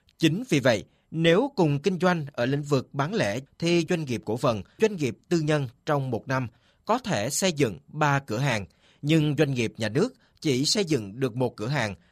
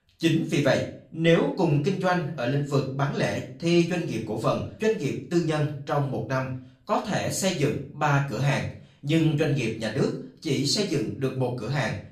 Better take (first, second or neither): first